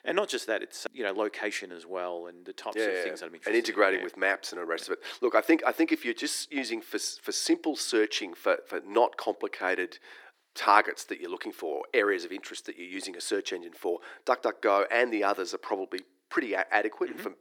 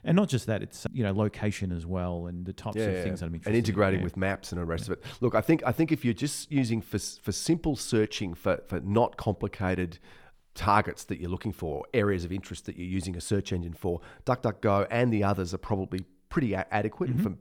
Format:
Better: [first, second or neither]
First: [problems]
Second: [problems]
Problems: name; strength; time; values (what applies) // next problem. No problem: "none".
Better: second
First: thin; very; fading below 300 Hz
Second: none